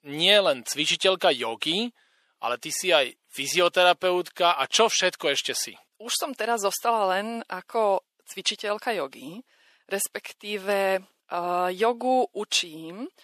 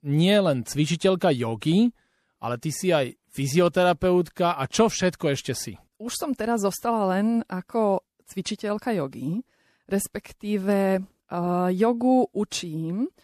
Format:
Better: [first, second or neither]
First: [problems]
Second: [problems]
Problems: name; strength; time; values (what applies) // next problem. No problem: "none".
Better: second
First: thin; somewhat; fading below 550 Hz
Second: none